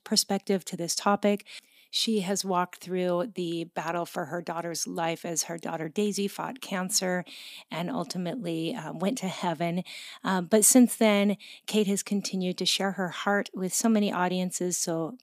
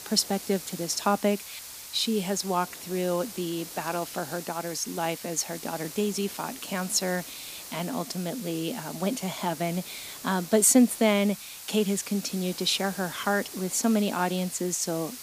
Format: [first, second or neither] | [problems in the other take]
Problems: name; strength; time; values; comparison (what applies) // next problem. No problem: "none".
first | hiss; noticeable; throughout; 10 dB below the speech